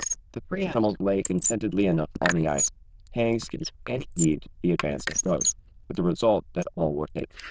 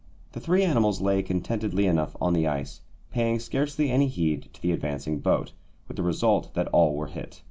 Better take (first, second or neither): second